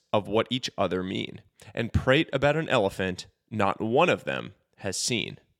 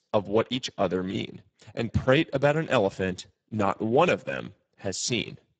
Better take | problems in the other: first | garbled, watery; badly; nothing above 7.5 kHz

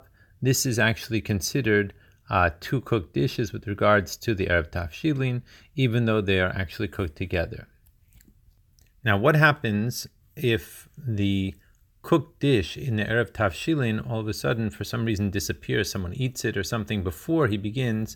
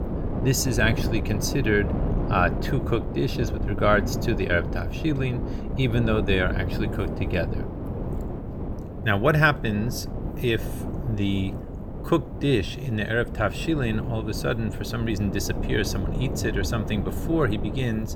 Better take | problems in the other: first | wind noise on the microphone; heavy; 10 dB below the speech

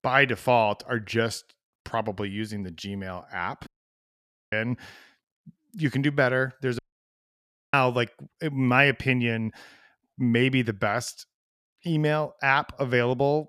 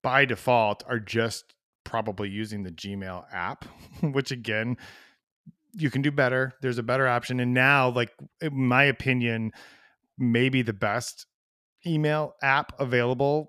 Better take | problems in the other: second | audio cutting out; at 3.5 s for 1 s and at 7 s for 1 s

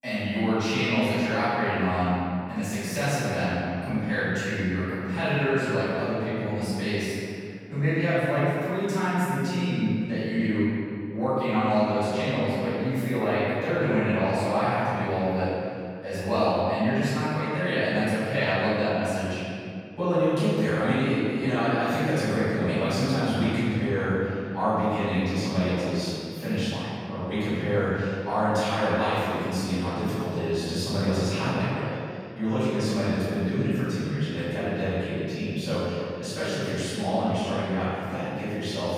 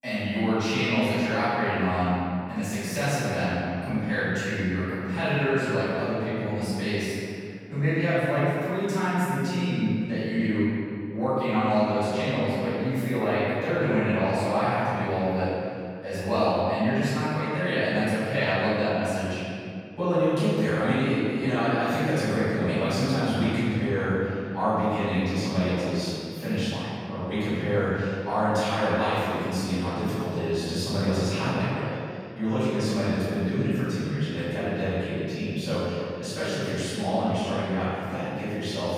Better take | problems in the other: neither | off-mic speech; far; the same in both // room echo; strong; dies away in 2.3 s; the same in both

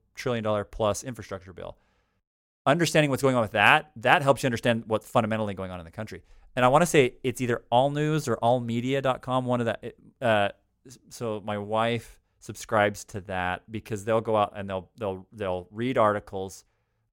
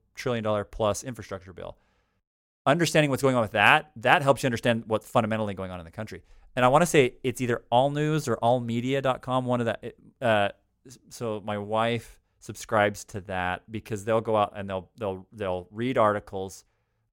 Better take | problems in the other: neither | none

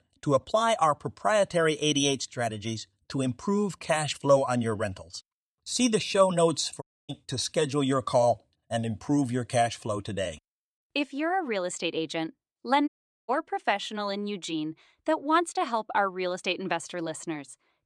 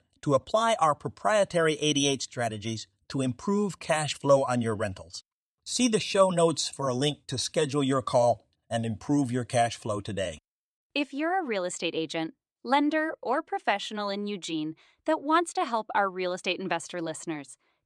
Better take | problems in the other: second | audio cutting out; at 7 s and at 13 s

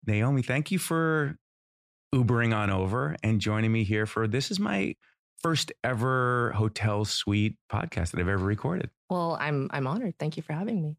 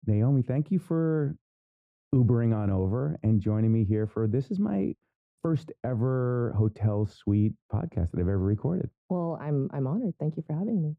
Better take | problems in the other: first | muffled; very; fading above 1 kHz

